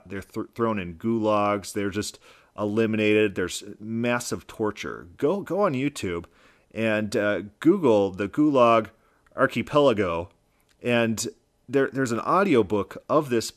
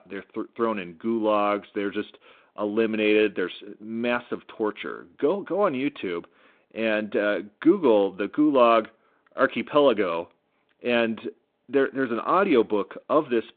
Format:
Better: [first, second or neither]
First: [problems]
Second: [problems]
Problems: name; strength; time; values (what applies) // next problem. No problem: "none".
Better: first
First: none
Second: phone-call audio